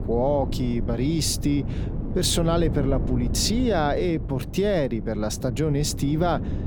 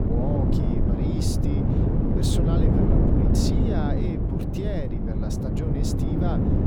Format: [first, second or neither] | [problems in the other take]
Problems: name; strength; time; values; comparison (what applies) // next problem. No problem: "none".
first | wind noise on the microphone; heavy; 4 dB above the speech; occasional gusts in the first